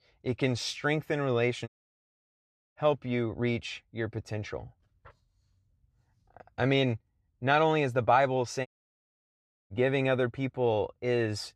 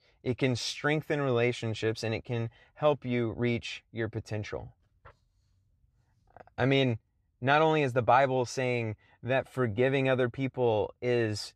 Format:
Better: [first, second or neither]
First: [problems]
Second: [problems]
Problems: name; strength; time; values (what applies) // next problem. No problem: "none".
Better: second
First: audio cutting out; at 1.5 s for 1 s and at 8.5 s for 1 s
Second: none